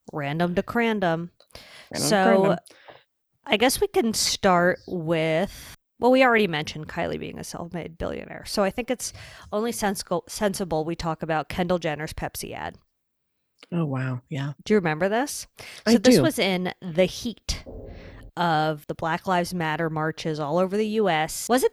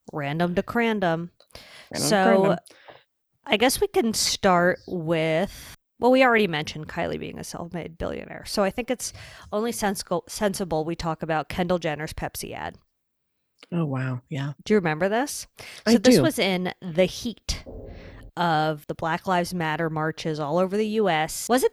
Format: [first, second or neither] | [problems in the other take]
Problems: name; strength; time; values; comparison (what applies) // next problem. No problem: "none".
neither | door banging; faint; at 18 s; peak 15 dB below the speech; the same in both